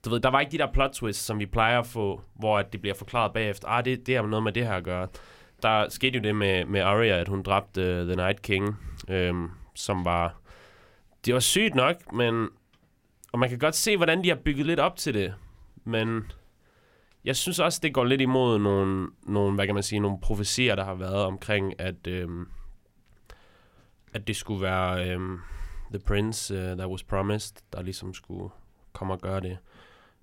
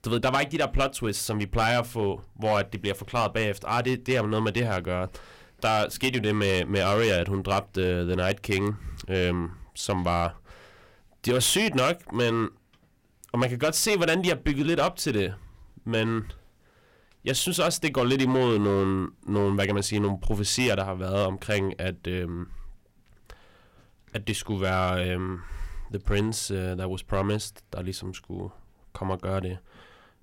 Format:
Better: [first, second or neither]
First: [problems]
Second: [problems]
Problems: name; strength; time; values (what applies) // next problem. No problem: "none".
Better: first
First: none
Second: distortion; slight; 4% of the sound clipped